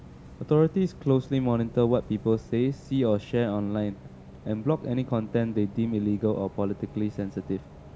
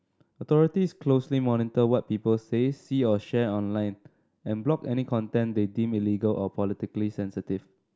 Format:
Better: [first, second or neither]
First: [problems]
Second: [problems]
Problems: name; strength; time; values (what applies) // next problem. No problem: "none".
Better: second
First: background sound (Bus); 18 dB below the speech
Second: none